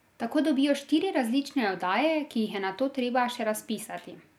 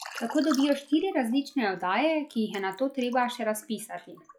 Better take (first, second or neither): first